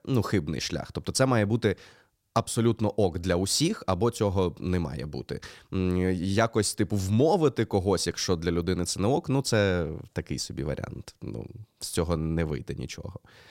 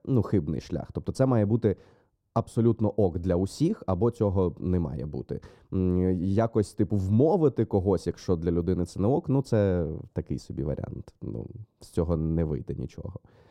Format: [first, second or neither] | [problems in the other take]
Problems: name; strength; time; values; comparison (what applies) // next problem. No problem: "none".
first | muffled; slightly; fading above 1 kHz